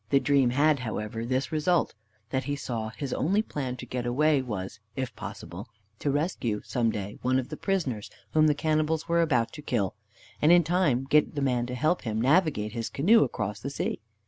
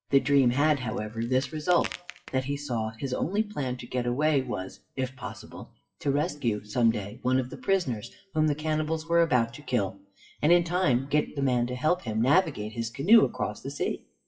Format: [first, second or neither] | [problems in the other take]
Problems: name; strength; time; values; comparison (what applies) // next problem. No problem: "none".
first | noise reduction (classical method WPE with log-MMSE)